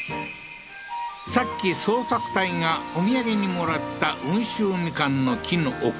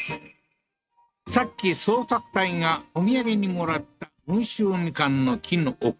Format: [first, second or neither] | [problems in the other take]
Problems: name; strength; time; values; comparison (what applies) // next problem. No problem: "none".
first | noise reduction (neural mask model RNNoise)